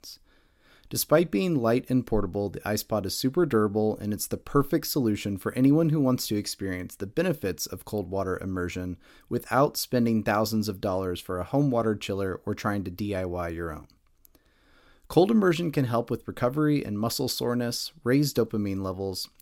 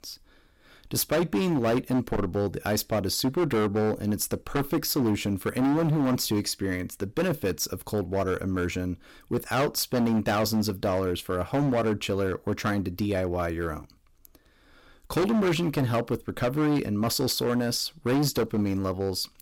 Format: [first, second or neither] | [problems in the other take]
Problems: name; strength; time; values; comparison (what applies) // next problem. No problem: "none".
first | distortion; heavy; 13% of the sound clipped